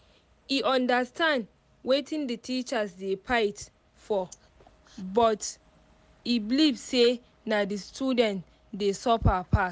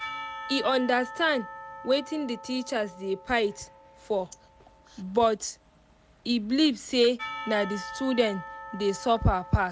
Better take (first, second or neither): first